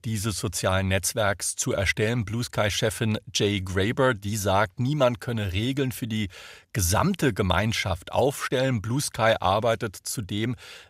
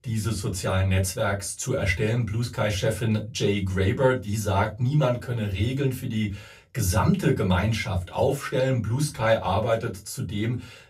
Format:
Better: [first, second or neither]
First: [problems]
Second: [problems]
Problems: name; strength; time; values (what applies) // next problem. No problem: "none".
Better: first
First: none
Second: off-mic speech; far // room echo; very slight; dies away in 0.2 s